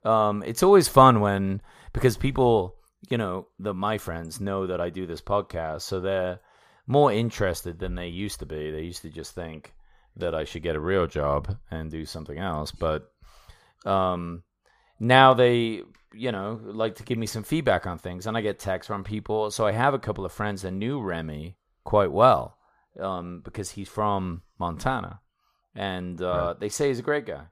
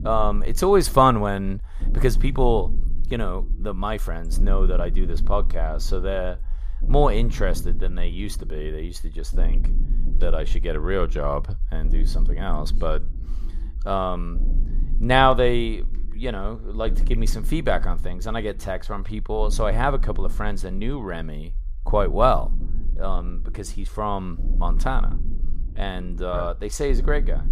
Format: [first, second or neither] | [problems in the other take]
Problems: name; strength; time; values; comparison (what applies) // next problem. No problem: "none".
first | low rumble; faint; throughout; 20 dB below the speech